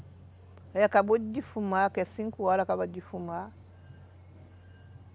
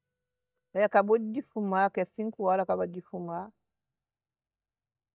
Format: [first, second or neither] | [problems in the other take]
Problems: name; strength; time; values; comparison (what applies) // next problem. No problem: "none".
first | noise reduction (neural mask model DeepFilterNet 3)